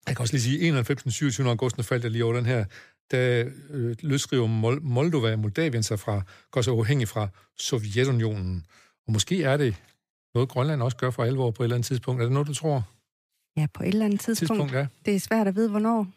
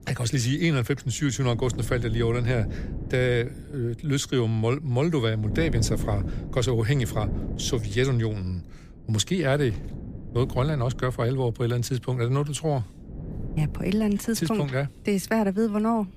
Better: first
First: none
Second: wind noise on the microphone; occasional gusts; 15 dB below the speech

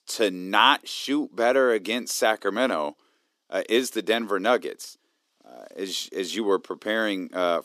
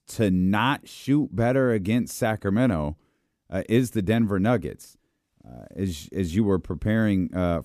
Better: second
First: thin; somewhat; fading below 350 Hz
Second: none

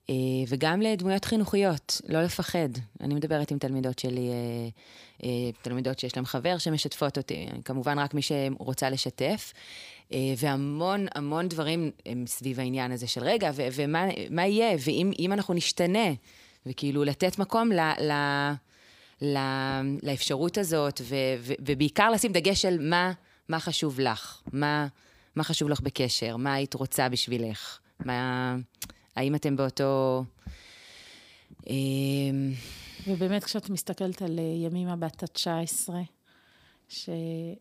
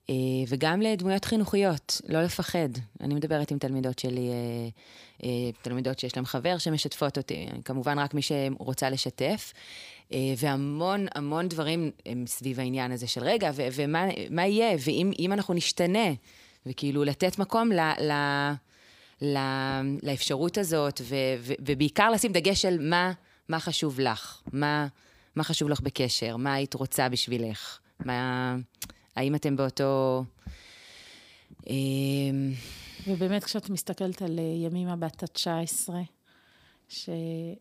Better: neither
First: none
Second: none

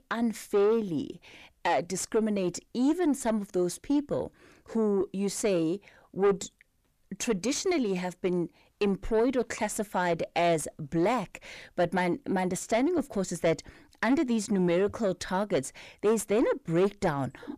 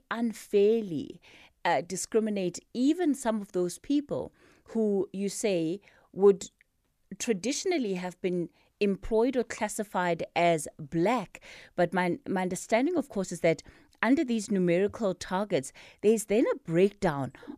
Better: second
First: distortion; slight; 10 dB below the speech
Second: none

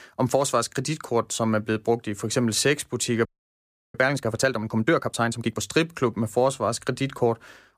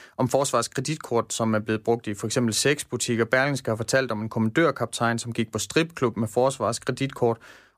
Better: second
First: audio freezing; at 3.5 s for 0.5 s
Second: none

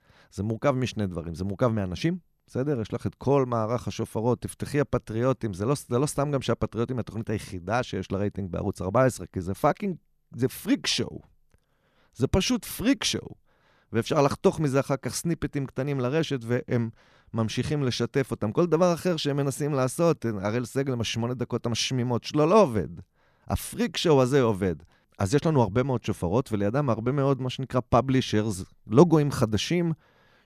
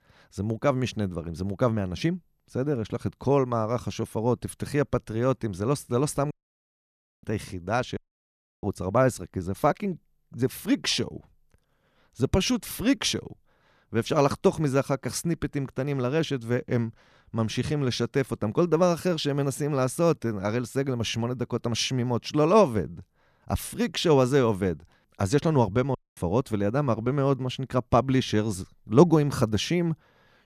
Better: first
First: none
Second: audio cutting out; at 6.5 s for 1 s, at 8 s for 0.5 s and at 26 s

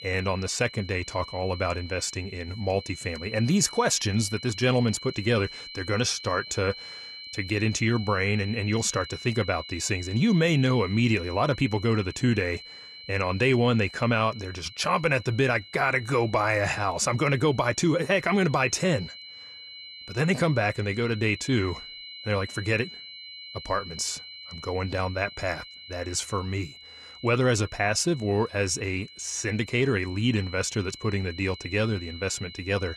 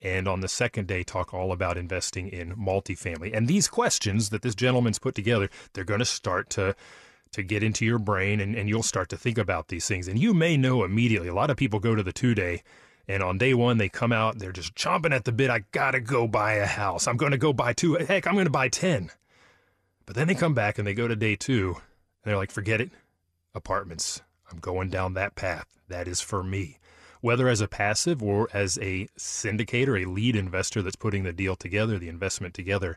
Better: second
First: high-pitched whine; noticeable; throughout; 4 kHz, 15 dB below the speech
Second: none

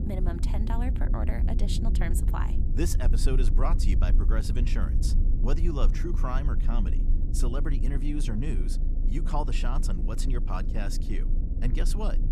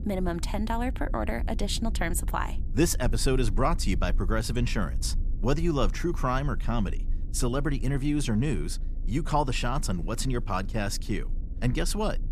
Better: second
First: low rumble; loud; throughout; 7 dB below the speech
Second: low rumble; faint; throughout; 20 dB below the speech

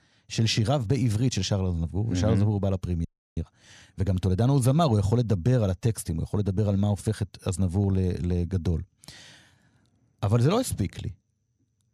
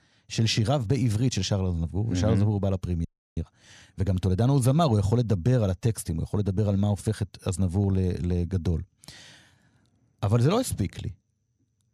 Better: neither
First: audio freezing; at 3 s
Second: audio freezing; at 3 s

